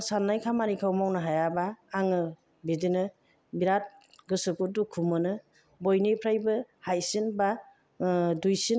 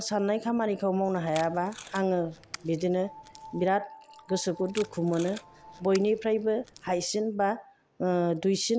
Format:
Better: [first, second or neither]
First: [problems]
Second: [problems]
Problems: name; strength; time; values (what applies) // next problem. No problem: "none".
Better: first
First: none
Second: background sound (Packing tape, duct tape + Piano); 19 dB below the speech